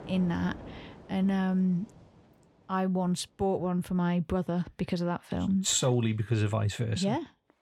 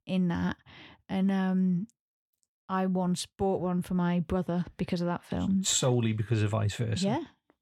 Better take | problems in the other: second | rain or running water; noticeable; throughout; 20 dB below the speech

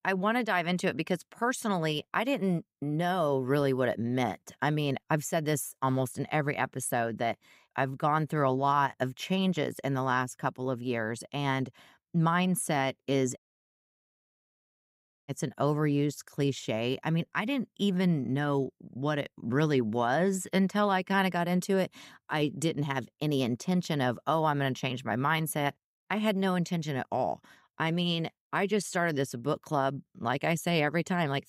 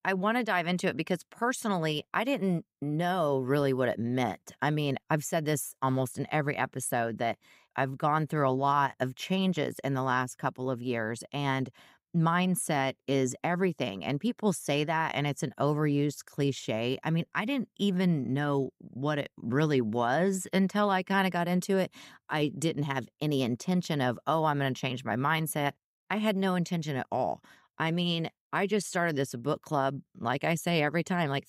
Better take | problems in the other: second | audio cutting out; at 13 s for 2 s

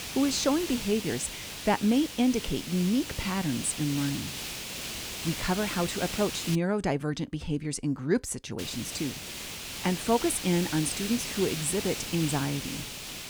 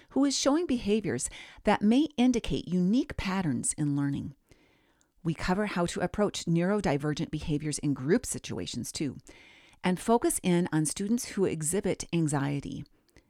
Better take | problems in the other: second | hiss; loud; until 6.5 s and from 8.5 s on; 6 dB below the speech

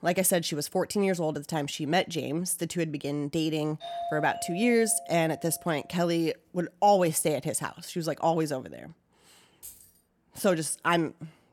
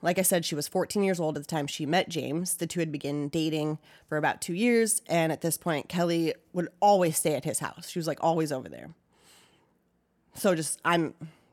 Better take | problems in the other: second | doorbell; noticeable; from 4 to 5.5 s; peak 7 dB below the speech // jangling keys; faint; at 9.5 s; peak 20 dB below the speech

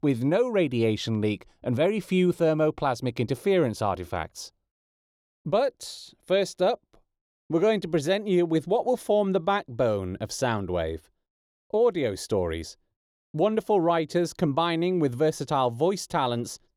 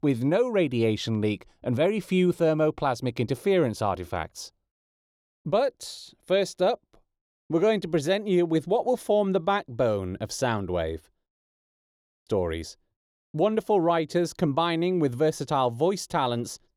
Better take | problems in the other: first | audio freezing; at 11 s for 1 s

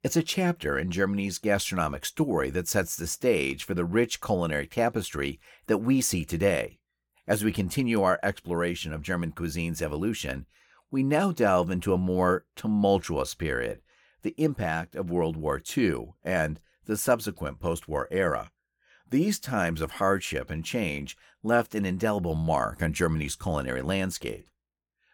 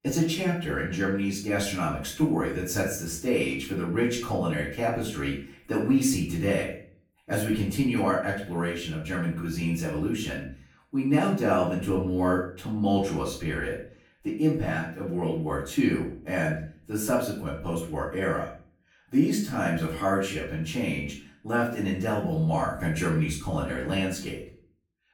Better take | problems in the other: first | off-mic speech; far // room echo; slight; dies away in 0.4 s

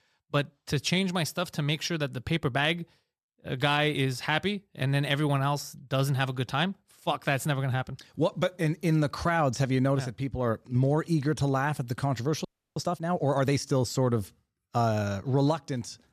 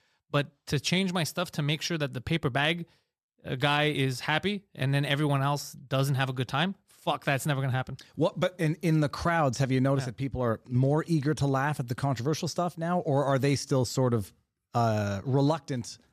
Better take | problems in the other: second | audio freezing; at 12 s

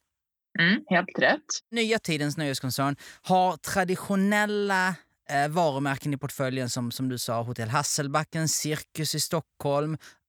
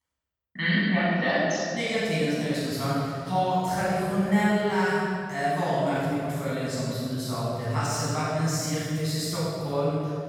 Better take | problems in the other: first | off-mic speech; far // room echo; strong; dies away in 2.9 s

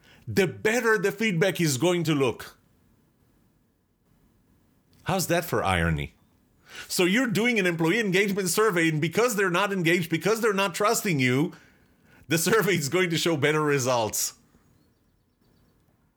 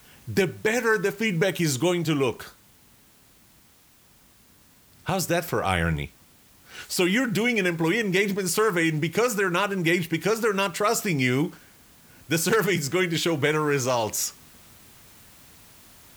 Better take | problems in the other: first | hiss; faint; throughout; 30 dB below the speech

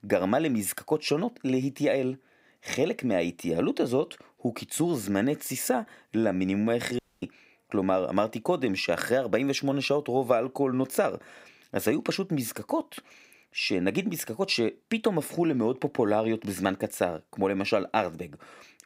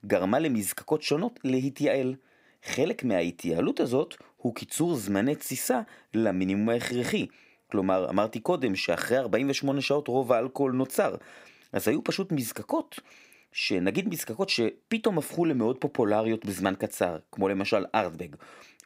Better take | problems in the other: second | audio cutting out; at 7 s

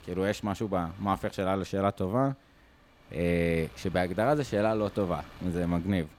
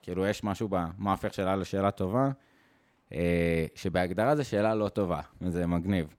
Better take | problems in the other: second | wind noise on the microphone; occasional gusts; 25 dB below the speech

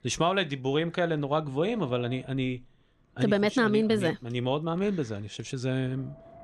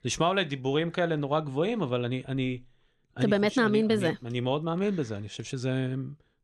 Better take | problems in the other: second | wind noise on the microphone; occasional gusts; 25 dB below the speech

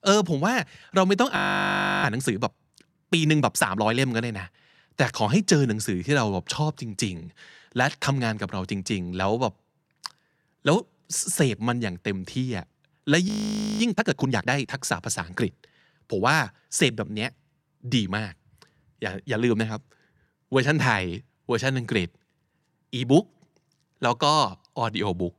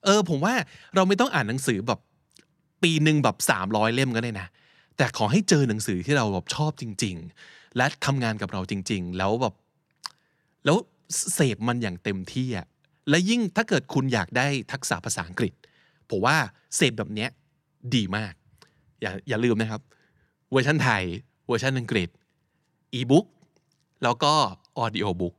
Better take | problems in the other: second | audio freezing; at 1.5 s for 0.5 s and at 13 s for 0.5 s

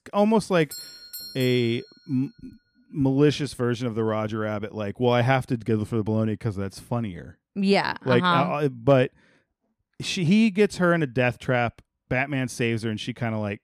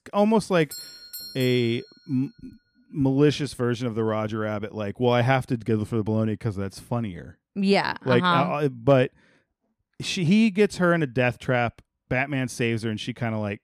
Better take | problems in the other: neither | doorbell; faint; from 0.5 to 2 s; peak 10 dB below the speech; the same in both

